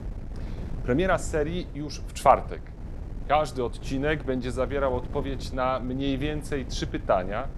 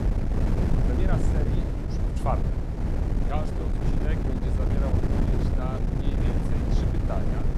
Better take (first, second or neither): first